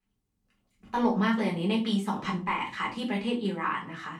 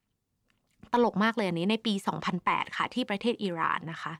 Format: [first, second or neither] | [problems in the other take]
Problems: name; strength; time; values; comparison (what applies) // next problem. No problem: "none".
second | room echo; slight; dies away in 0.3 s // off-mic speech; far